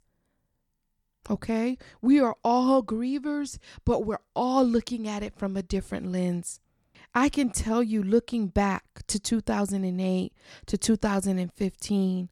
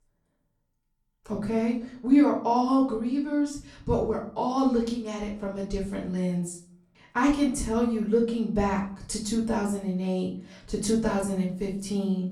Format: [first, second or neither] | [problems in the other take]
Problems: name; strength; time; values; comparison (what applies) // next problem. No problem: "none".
first | off-mic speech; far // room echo; slight; dies away in 0.4 s